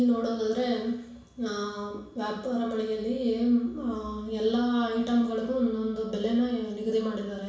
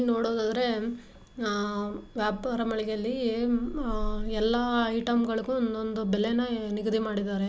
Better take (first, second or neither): second